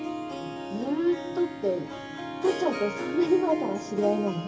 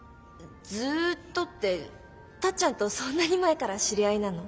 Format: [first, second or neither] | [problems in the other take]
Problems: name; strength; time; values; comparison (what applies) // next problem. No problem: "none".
second | background sound (Harp); 6 dB below the speech // room echo; dies away in 0.4 s